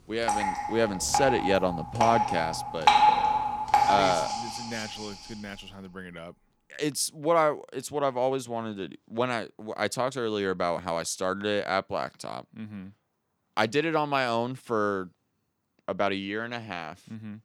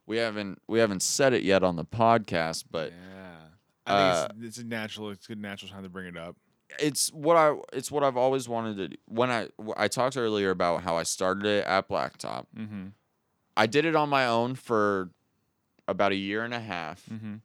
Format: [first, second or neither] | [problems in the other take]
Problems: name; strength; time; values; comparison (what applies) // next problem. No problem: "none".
second | rain or running water; very loud; until 5 s; 2 dB above the speech